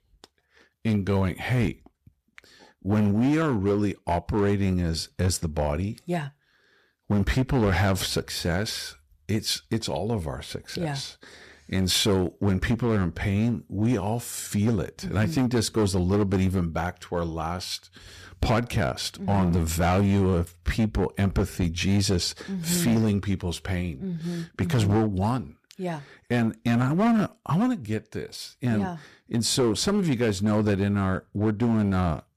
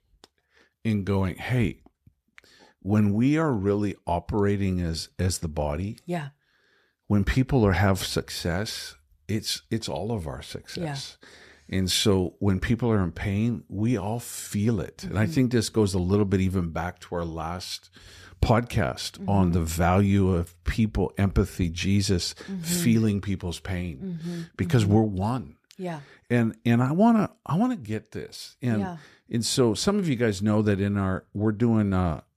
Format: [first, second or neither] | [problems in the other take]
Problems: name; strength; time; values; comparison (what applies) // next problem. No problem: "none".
second | distortion; slight; 8% of the sound clipped